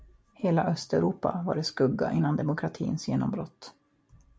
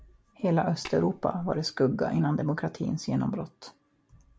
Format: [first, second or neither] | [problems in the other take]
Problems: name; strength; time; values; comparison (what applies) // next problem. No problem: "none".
first | background sound (Tap); 17 dB below the speech